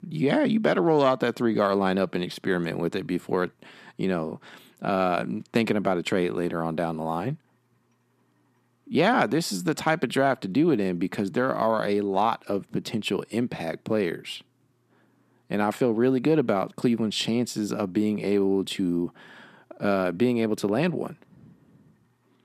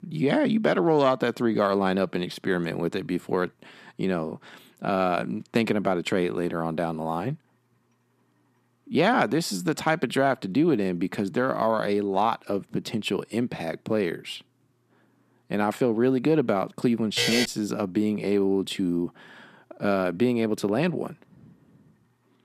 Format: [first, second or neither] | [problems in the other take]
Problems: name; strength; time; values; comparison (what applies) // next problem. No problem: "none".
first | alarm; loud; at 17 s; peak 1 dB above the speech